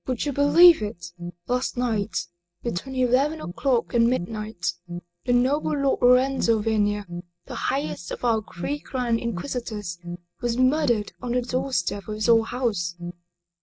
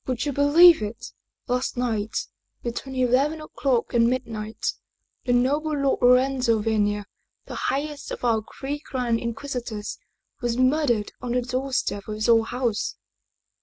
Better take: second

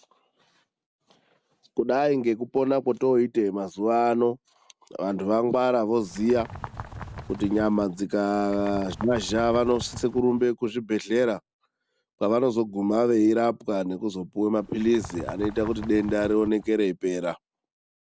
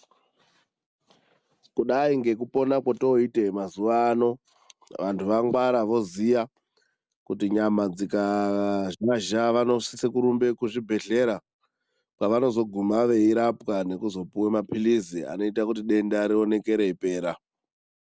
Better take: second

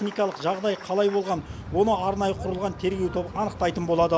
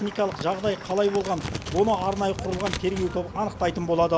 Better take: first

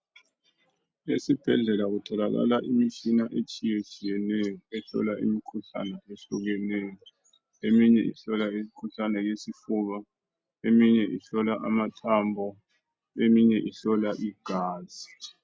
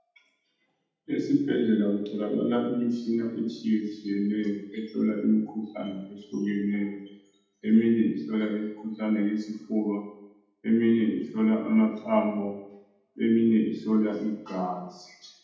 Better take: first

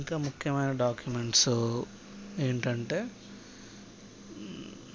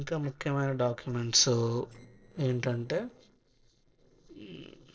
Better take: first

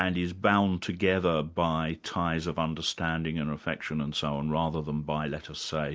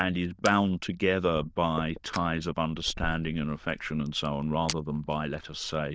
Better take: first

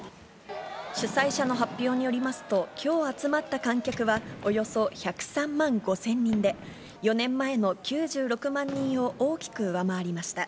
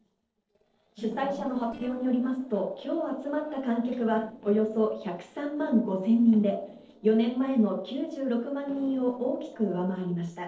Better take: first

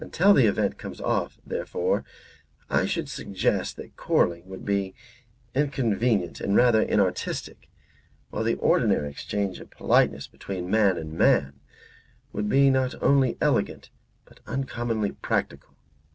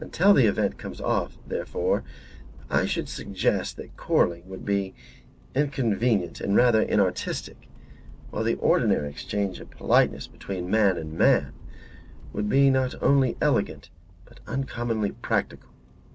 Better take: first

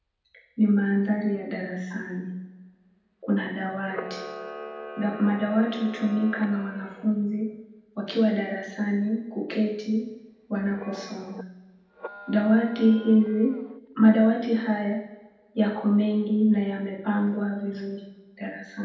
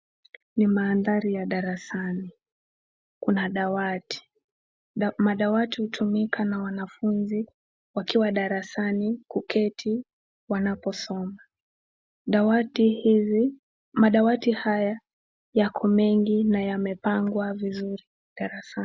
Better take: second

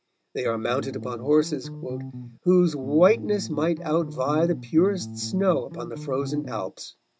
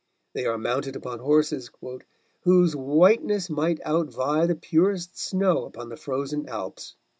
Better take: second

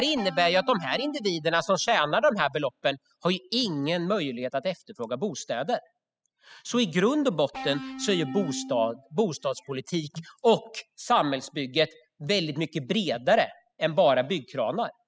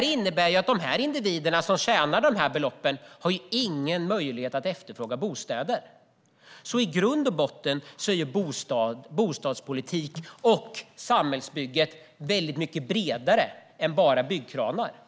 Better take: second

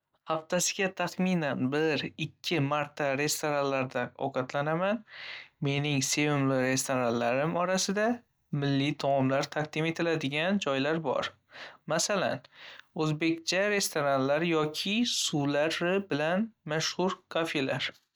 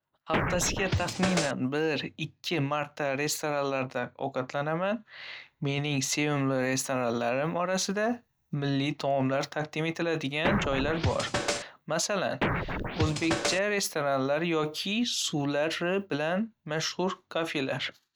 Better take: first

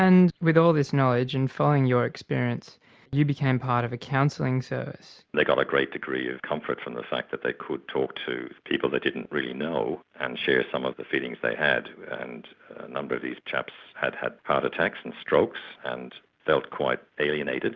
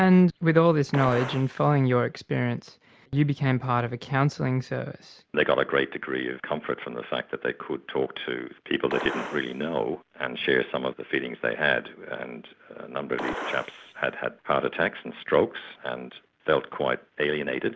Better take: first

